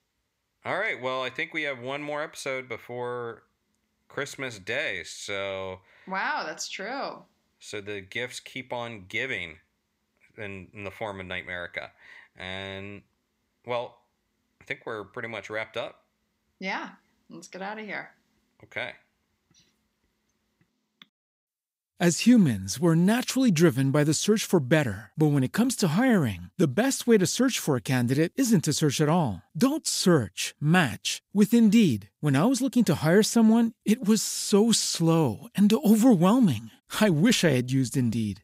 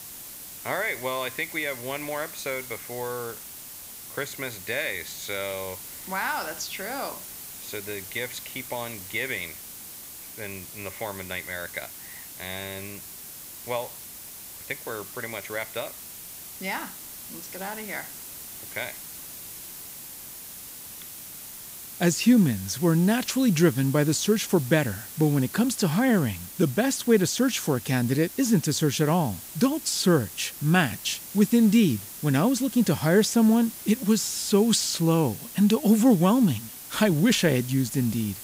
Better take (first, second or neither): first